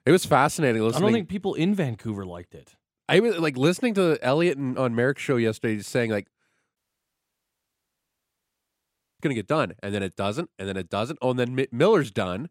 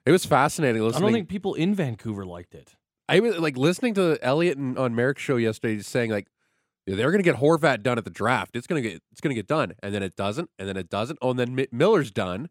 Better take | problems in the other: second | audio cutting out; at 7 s for 2.5 s

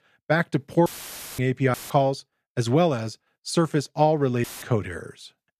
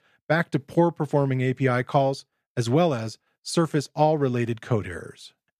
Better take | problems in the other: second | audio cutting out; filled with static; at 1 s for 0.5 s, at 1.5 s and at 4.5 s

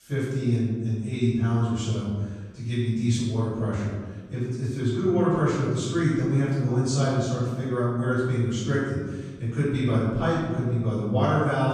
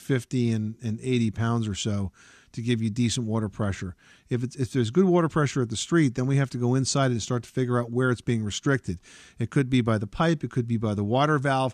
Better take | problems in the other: second | off-mic speech; far // room echo; strong; dies away in 1.4 s

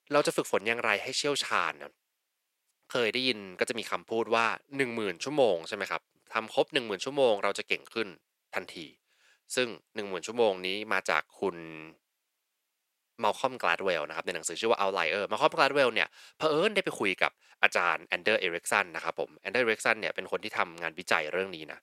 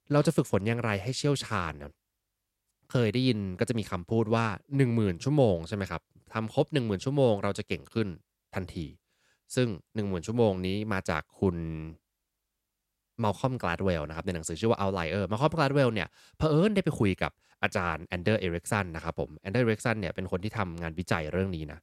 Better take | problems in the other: second | thin; somewhat; fading below 450 Hz

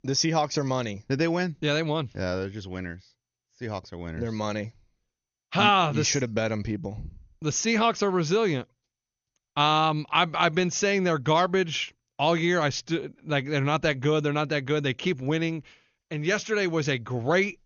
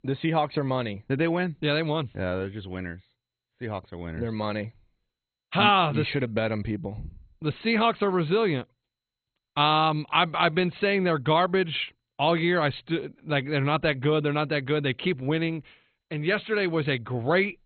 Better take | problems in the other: first | garbled, watery; badly; nothing above 4 kHz; slightly in the first

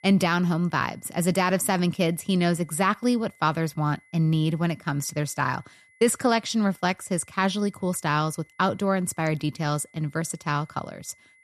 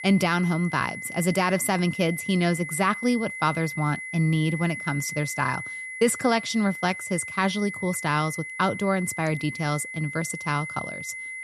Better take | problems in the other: first | high-pitched whine; loud; throughout; 2 kHz, 8 dB below the speech; faint in the first

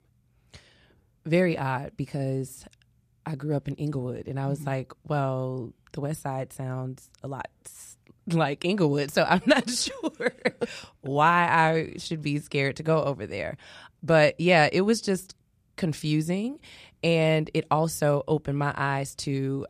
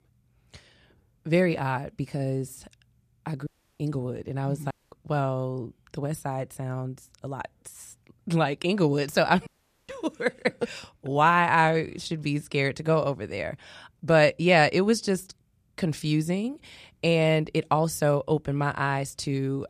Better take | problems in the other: first | audio cutting out; at 3.5 s, at 4.5 s and at 9.5 s

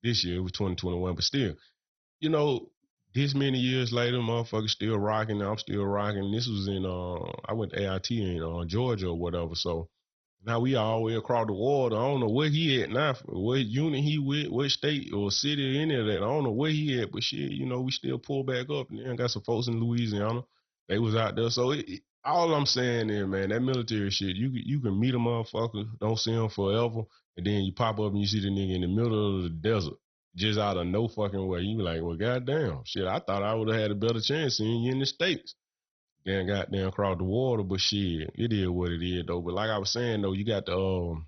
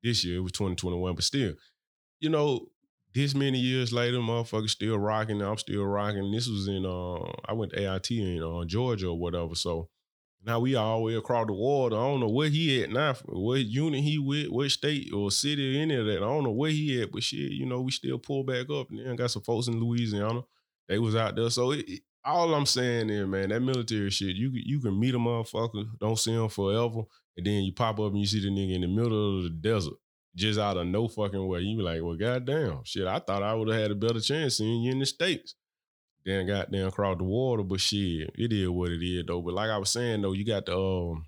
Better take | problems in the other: second | garbled, watery; badly; nothing above 6 kHz

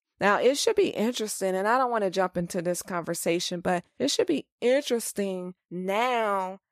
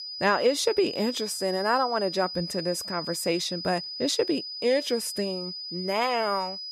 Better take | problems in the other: first | high-pitched whine; loud; throughout; 5 kHz, 7 dB below the speech

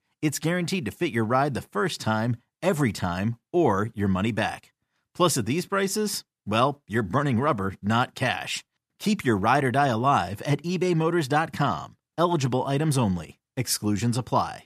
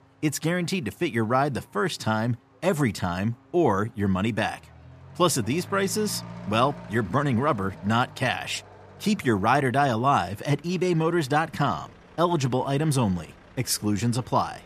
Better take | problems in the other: first | traffic noise; faint; throughout; 20 dB below the speech

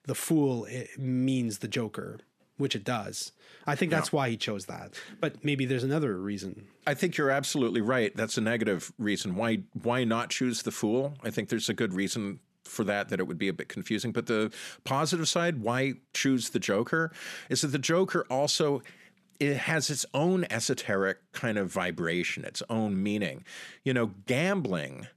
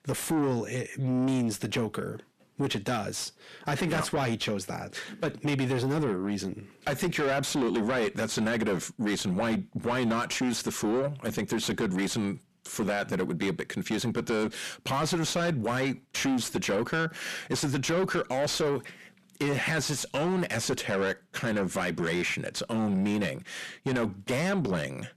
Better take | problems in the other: first | distortion; heavy; 7 dB below the speech

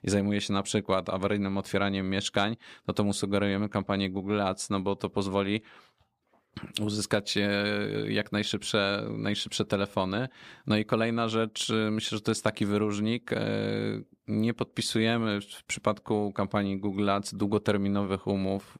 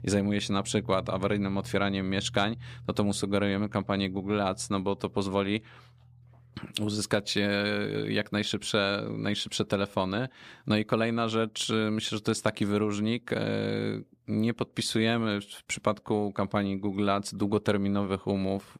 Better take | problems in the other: first | background music; noticeable; throughout; 15 dB below the speech

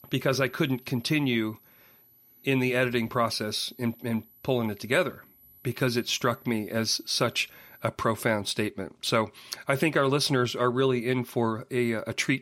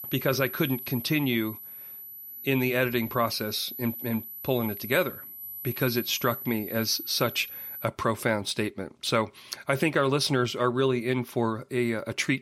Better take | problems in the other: first | high-pitched whine; loud; until 8 s; 12 kHz, 9 dB below the speech; faint in the first

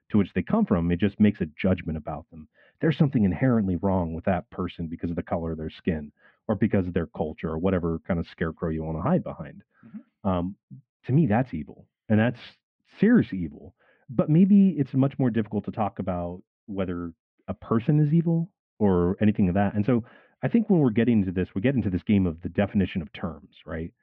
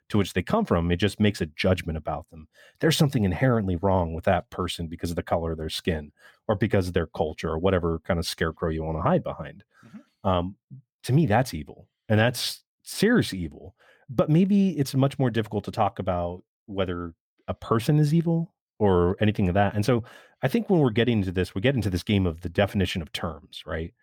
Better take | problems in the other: second | muffled; very; fading above 2.5 kHz

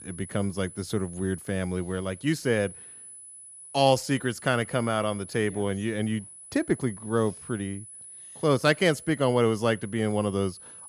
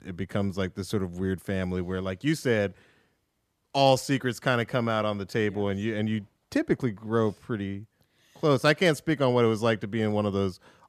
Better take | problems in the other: second | high-pitched whine; noticeable; throughout; 10 kHz, 15 dB below the speech

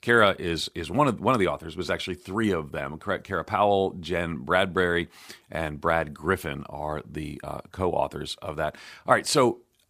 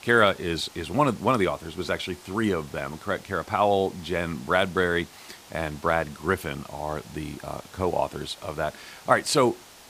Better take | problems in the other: first | hiss; faint; throughout; 20 dB below the speech

